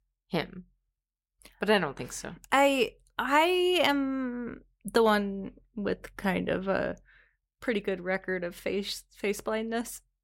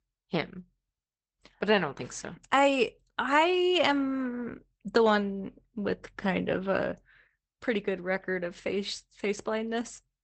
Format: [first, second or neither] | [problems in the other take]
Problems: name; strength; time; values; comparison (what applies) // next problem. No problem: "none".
first | garbled, watery; badly; nothing above 8 kHz